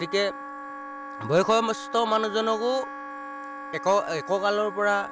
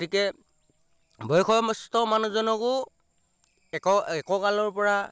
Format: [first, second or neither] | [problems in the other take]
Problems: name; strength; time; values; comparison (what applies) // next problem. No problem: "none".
second | background sound (Wind instrument, woodwind instrument); 11 dB below the speech